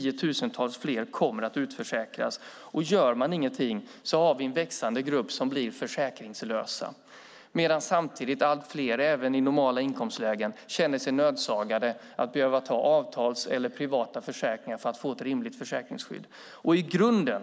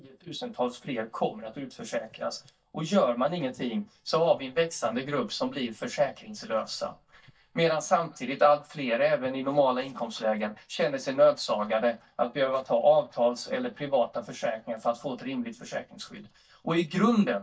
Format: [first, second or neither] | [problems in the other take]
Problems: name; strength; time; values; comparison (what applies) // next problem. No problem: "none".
first | noise reduction (neural mask model DeepFilterNet 3)